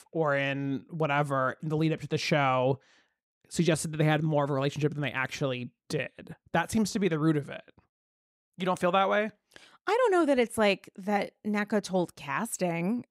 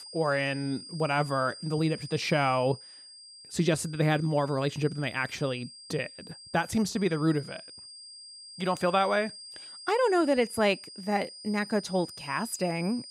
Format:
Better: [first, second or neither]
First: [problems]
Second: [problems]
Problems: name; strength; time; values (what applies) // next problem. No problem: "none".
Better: first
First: none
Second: high-pitched whine; noticeable; throughout; 5 kHz, 15 dB below the speech